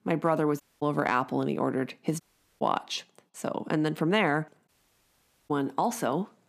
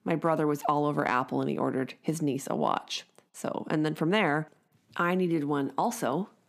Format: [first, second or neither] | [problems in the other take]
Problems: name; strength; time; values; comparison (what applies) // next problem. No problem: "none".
second | audio cutting out; at 0.5 s, at 2 s and at 4.5 s for 1 s